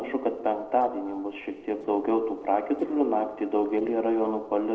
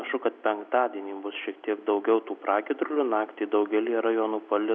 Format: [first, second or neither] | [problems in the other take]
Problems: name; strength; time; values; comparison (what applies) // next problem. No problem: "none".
second | noise reduction (neural separator model SepFormer DNS4)